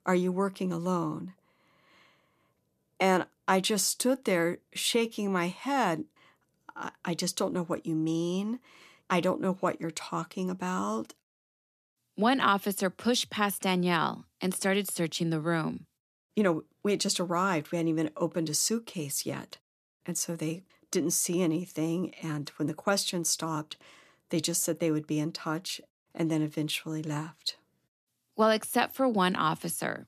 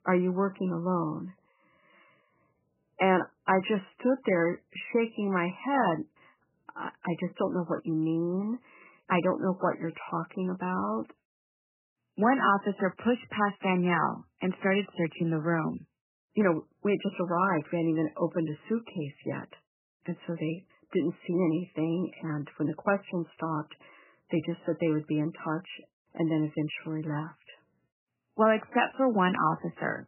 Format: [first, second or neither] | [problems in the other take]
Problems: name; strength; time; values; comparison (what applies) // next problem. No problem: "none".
first | garbled, watery; badly; nothing above 3 kHz